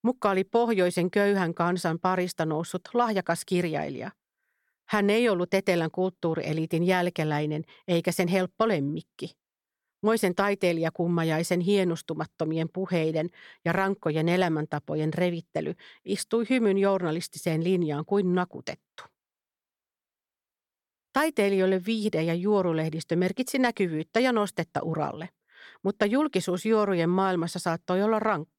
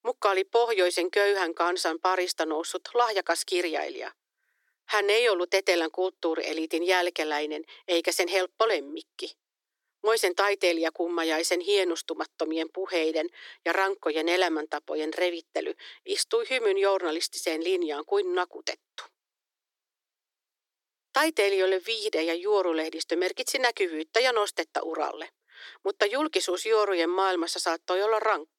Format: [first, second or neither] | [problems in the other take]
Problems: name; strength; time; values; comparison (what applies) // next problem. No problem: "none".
first | thin; very; fading below 300 Hz